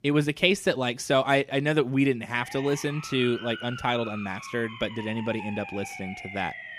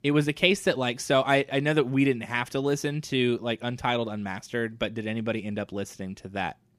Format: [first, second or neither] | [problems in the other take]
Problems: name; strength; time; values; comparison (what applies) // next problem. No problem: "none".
second | siren; faint; from 2.5 s on; peak 10 dB below the speech